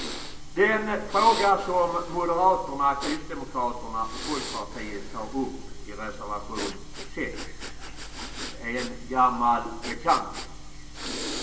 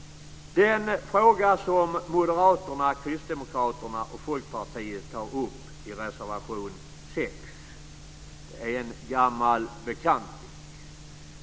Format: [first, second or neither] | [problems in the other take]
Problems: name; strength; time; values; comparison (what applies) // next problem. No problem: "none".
second | background sound (Breathing); 12 dB below the speech // room echo; dies away in 0.7 s